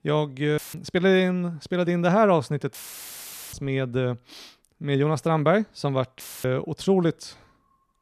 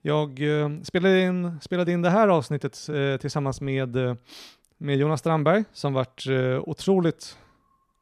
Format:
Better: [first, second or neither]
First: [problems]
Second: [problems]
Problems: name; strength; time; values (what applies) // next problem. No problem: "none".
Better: second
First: audio cutting out; filled with static; at 0.5 s, at 2.5 s for 1 s and at 6 s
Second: none